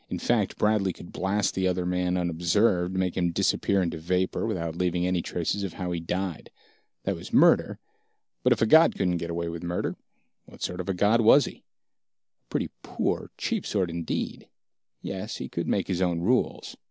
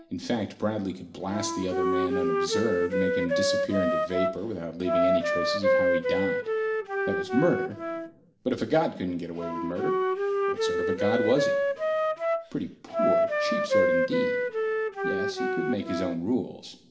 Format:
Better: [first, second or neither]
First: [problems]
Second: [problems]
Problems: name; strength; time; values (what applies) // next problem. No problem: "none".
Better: first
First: none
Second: background sound (Wind instrument, woodwind instrument); 3 dB above the speech // room echo; dies away in 1.6 s